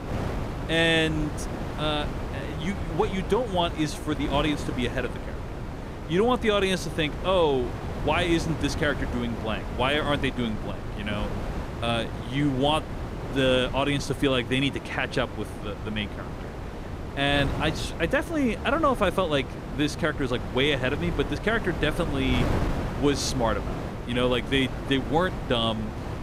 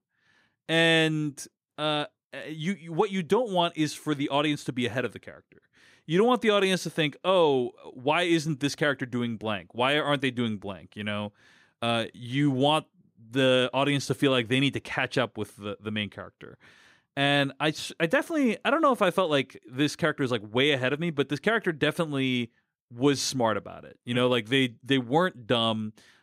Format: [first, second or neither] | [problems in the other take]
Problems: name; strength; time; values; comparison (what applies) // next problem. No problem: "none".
second | wind noise on the microphone; occasional gusts; 10 dB below the speech